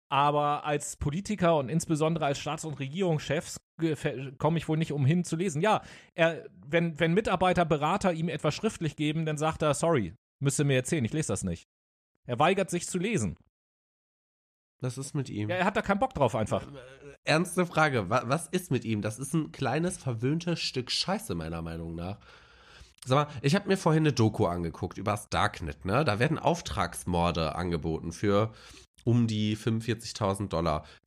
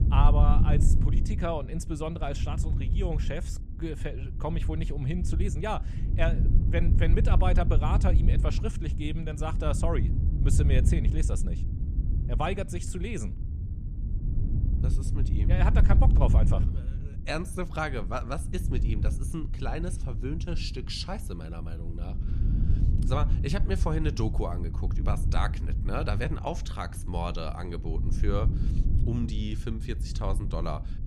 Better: first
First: none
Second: wind noise on the microphone; heavy; 8 dB below the speech

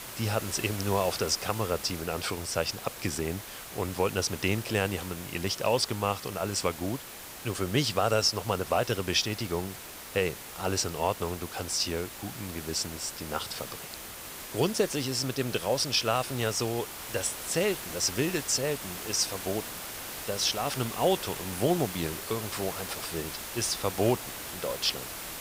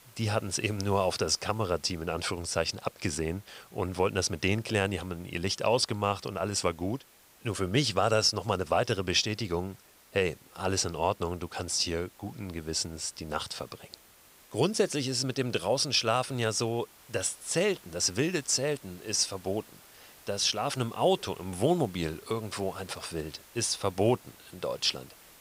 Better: second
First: hiss; loud; throughout; 9 dB below the speech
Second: hiss; faint; throughout; 25 dB below the speech

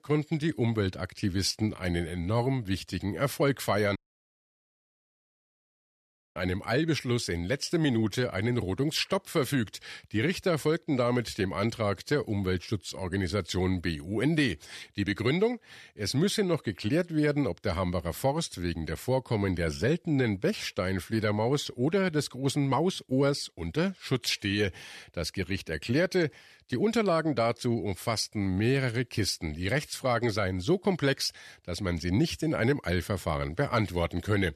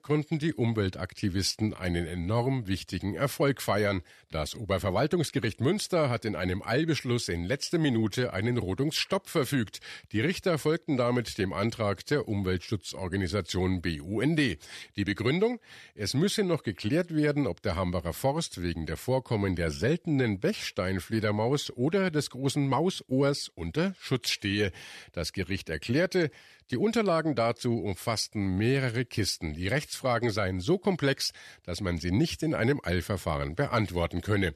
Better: second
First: audio cutting out; at 4 s for 2.5 s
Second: none

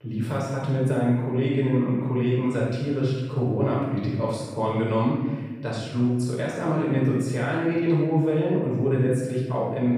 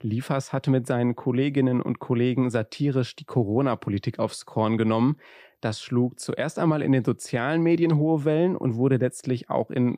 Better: second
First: off-mic speech; far // room echo; strong; dies away in 1.1 s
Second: none

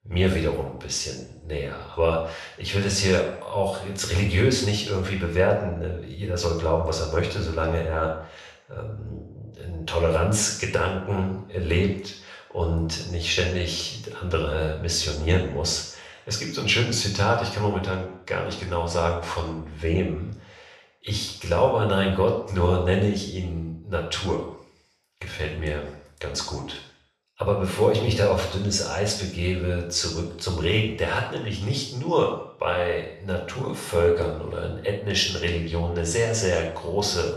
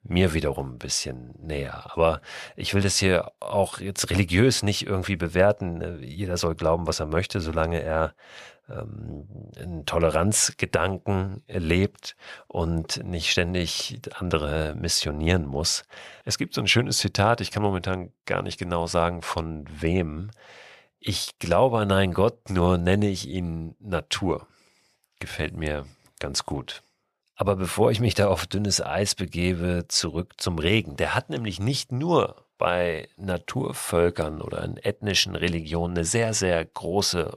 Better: second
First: room echo; noticeable; dies away in 0.6 s // off-mic speech; far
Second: none

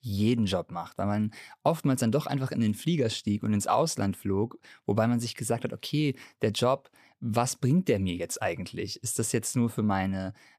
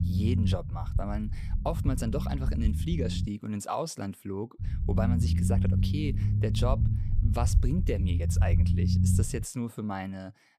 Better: first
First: none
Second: low rumble; loud; until 3.5 s and from 4.5 to 9.5 s; 5 dB below the speech

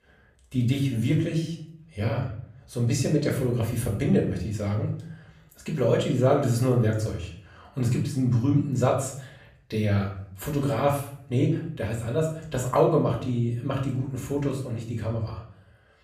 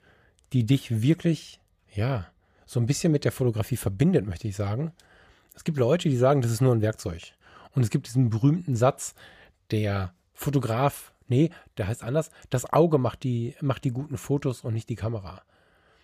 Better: second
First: room echo; slight; dies away in 0.5 s // off-mic speech; far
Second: none

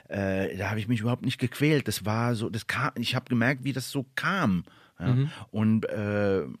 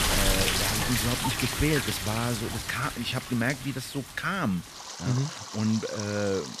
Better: first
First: none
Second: rain or running water; very loud; throughout; as loud as the speech

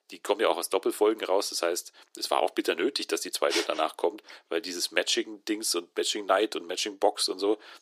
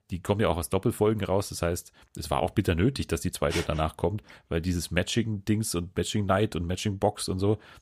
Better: second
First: thin; very; fading below 350 Hz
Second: none

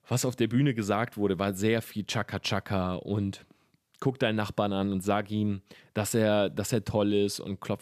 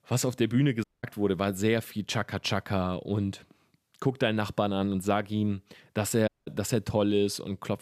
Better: first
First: none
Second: audio cutting out; at 1 s and at 6.5 s

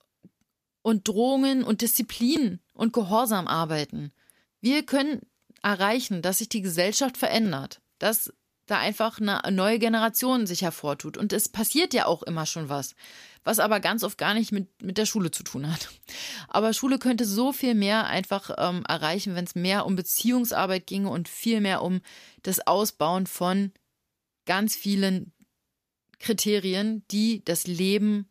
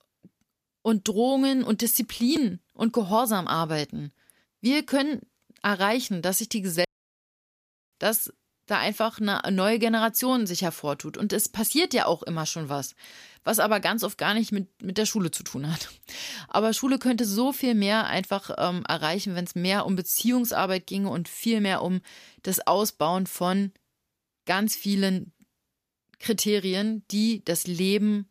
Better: first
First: none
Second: audio cutting out; at 7 s for 1 s

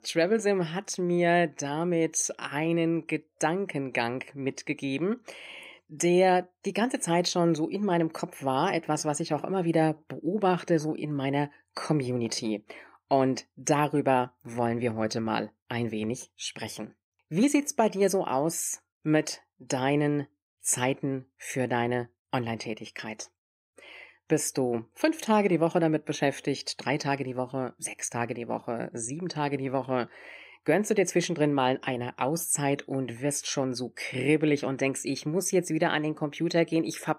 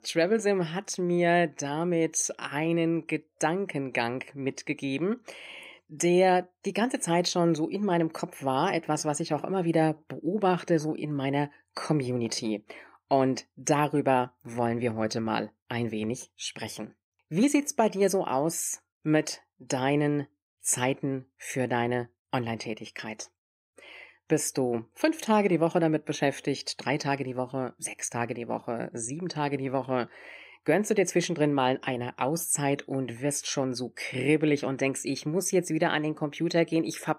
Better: neither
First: none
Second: none

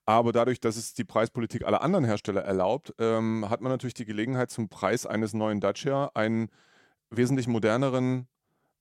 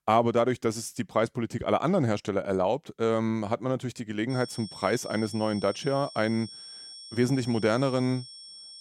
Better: first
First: none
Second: high-pitched whine; noticeable; from 4.5 s on; 5.5 kHz, 15 dB below the speech

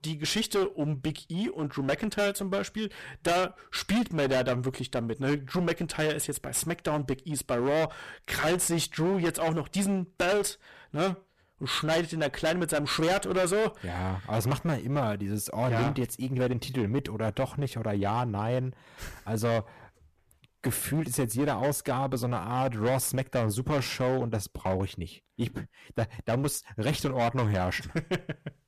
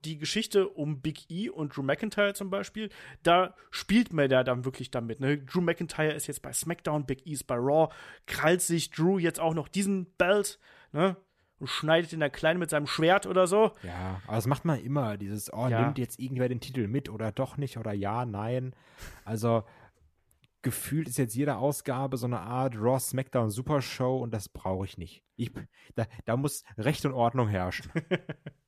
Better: second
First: distortion; heavy; 15% of the sound clipped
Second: none

